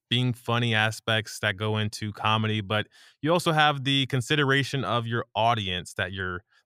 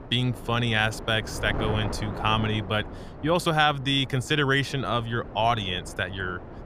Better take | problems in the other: first | wind noise on the microphone; occasional gusts; 15 dB below the speech

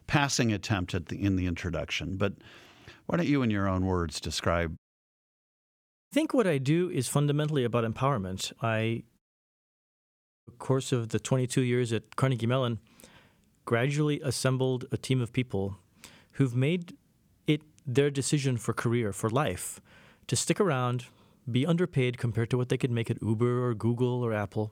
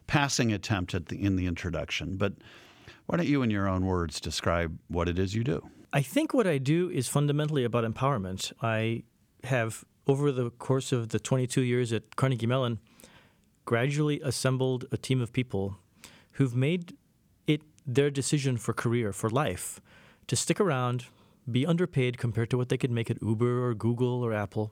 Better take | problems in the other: second | audio cutting out; at 5 s for 1.5 s and at 9 s for 1.5 s

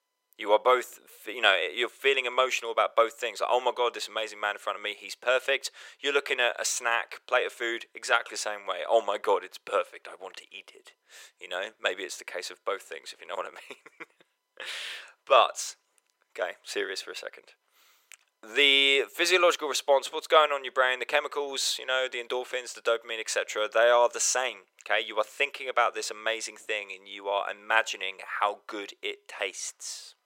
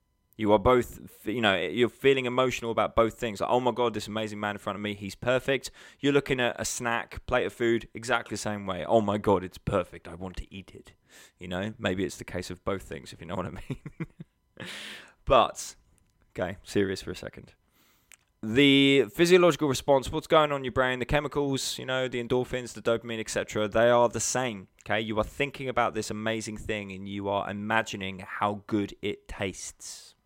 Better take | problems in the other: second | thin; very; fading below 500 Hz

